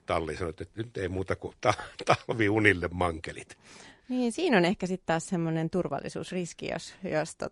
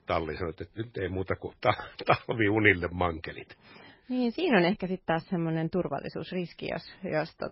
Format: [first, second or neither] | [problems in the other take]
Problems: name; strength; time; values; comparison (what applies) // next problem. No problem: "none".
first | garbled, watery; badly; nothing above 5.5 kHz; slightly in the first